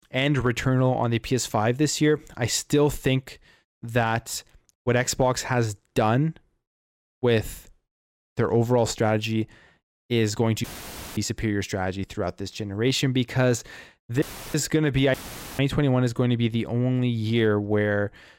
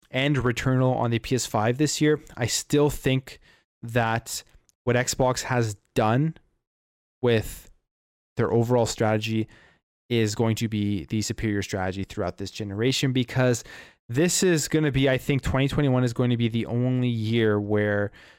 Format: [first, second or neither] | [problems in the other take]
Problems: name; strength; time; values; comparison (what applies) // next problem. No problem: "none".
second | audio cutting out; filled with static; at 11 s for 0.5 s, at 14 s and at 15 s